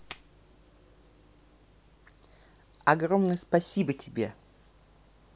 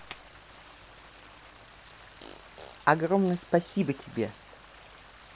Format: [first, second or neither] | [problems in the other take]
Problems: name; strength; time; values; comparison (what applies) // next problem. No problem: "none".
first | background sound (Stream + Fart); 20 dB below the speech